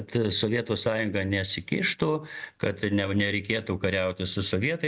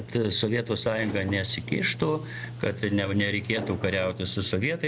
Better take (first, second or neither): first